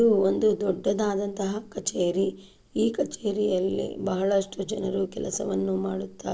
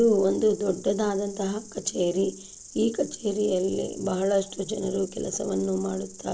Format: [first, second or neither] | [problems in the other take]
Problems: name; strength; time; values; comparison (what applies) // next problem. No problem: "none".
first | background sound (Insect); 19 dB below the speech